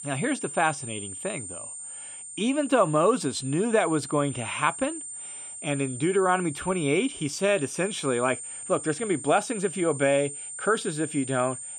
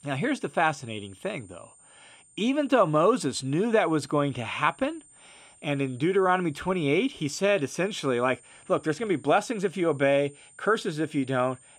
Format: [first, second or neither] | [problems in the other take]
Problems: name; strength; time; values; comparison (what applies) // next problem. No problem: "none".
second | high-pitched whine; loud; throughout; 8.5 kHz, 9 dB below the speech; faint in the second